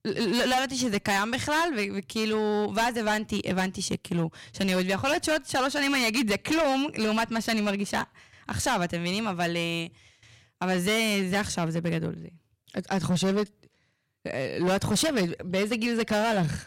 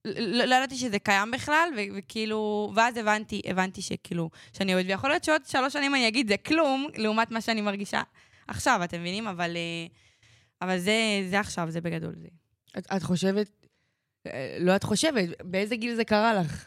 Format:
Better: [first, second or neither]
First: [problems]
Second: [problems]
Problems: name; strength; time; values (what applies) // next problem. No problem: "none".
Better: second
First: distortion; heavy; 14% of the sound clipped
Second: none